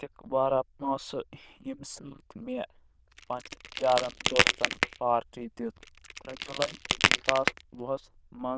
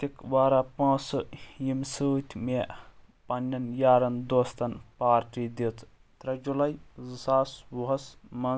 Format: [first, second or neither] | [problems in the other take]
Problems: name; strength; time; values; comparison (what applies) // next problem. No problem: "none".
second | noise reduction (neural diffusion model UNIVERSE++)